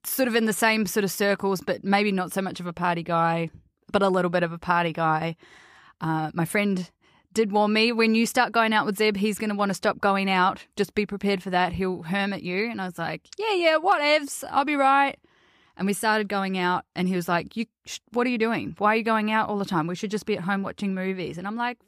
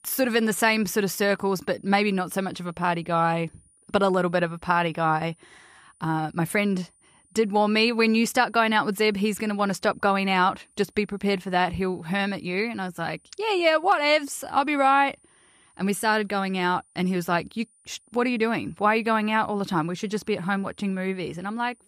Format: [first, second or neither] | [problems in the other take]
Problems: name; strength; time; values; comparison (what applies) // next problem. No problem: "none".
first | high-pitched whine; faint; throughout; 9.5 kHz, 35 dB below the speech